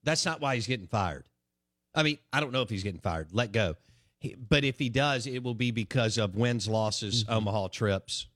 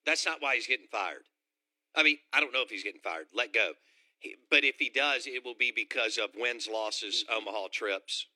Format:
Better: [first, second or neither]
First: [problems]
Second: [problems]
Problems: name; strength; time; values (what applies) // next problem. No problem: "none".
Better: first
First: none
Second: thin; very; fading below 300 Hz